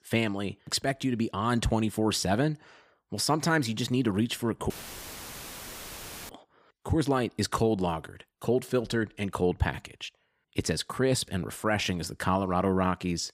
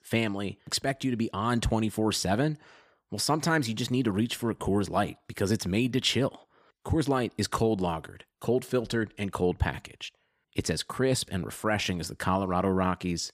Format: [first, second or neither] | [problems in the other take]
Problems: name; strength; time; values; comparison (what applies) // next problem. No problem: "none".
second | audio cutting out; filled with static; at 4.5 s for 1.5 s